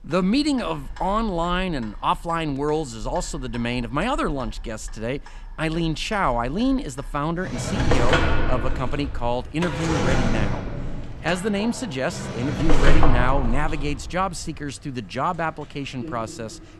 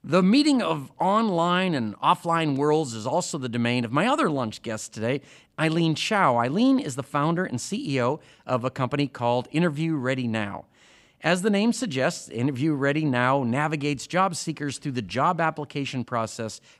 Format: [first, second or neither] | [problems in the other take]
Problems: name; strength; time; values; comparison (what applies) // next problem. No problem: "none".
second | household noises; loud; throughout; 2 dB below the speech